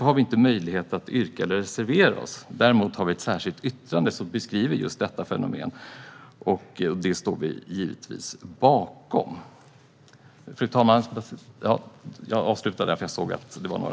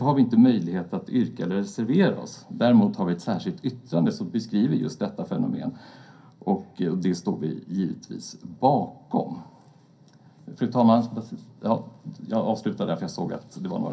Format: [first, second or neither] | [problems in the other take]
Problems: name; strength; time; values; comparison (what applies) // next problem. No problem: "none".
first | room echo; dies away in 0.3 s